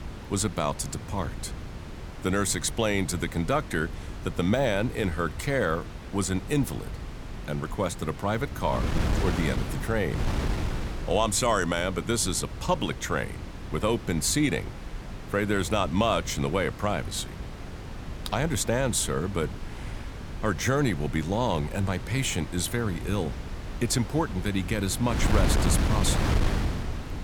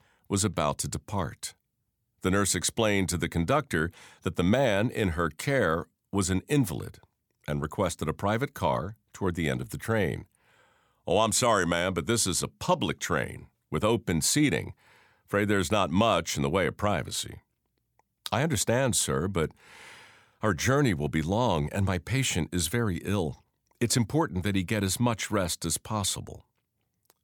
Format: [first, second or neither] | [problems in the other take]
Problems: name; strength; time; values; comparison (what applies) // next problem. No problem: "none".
second | wind noise on the microphone; occasional gusts; 10 dB below the speech